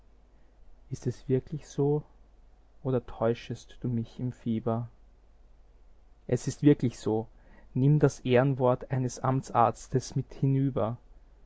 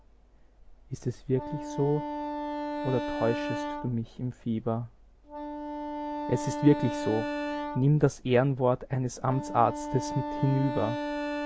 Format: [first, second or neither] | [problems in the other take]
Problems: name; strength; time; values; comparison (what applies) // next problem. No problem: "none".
first | background sound (Wind instrument, woodwind instrument); 6 dB below the speech